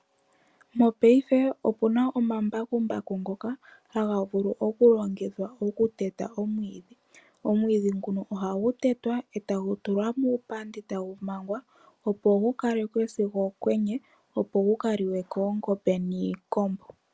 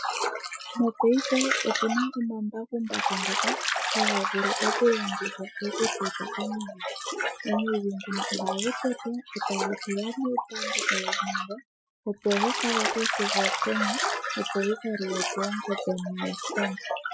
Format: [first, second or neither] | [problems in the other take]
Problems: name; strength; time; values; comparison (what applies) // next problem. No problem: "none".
first | noise reduction (classical method Wiener filter)